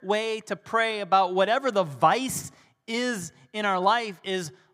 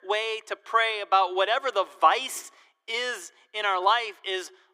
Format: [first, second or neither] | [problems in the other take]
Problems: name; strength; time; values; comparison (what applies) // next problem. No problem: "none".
first | thin; very; fading below 350 Hz